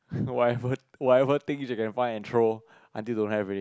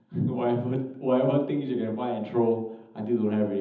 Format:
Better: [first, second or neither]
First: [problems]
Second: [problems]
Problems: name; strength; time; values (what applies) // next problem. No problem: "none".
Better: first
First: none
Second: room echo; dies away in 0.8 s